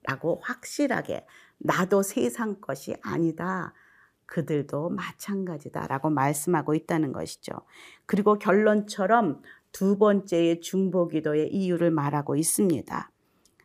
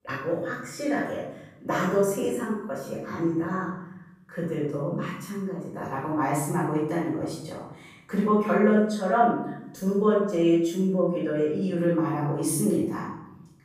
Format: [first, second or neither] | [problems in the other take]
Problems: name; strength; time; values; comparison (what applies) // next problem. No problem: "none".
first | off-mic speech; far // room echo; noticeable; dies away in 0.8 s